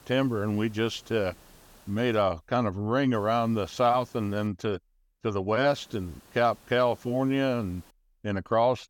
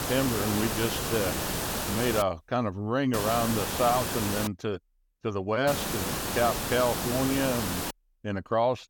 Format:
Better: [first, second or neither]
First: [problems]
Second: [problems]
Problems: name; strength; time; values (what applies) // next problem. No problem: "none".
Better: first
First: hiss; faint; until 2 s, from 3 to 4.5 s and from 5.5 to 8 s; 25 dB below the speech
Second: hiss; loud; until 2 s, from 3 to 4.5 s and from 5.5 to 8 s; 1 dB below the speech